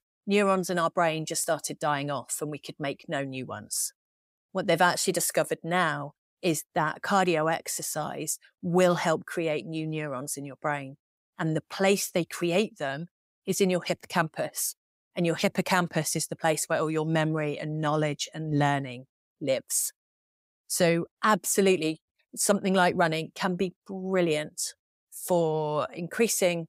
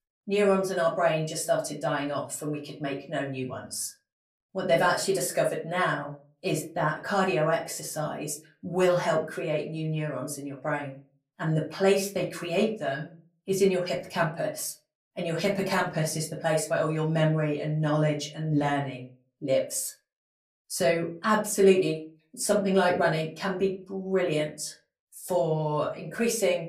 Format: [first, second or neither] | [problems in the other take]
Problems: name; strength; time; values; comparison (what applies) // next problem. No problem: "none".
first | off-mic speech; far // room echo; very slight; dies away in 0.3 s